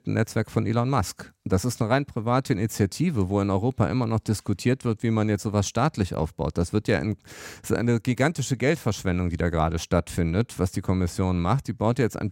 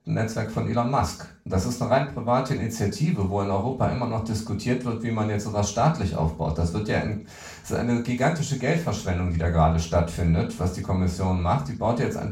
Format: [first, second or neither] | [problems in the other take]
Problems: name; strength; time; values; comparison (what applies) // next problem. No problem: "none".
first | room echo; slight; dies away in 0.3 s // off-mic speech; far